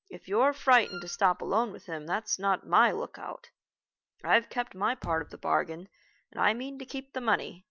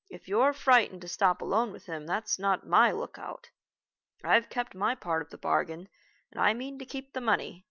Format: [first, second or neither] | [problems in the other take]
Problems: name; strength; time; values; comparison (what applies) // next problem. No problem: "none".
second | background sound (Wind instrument, woodwind instrument + Bass drum); 17 dB below the speech